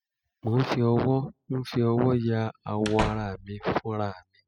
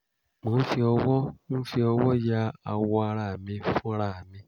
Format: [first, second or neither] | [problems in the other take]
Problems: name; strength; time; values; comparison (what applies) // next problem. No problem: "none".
second | noise reduction (classical method spectral subtraction)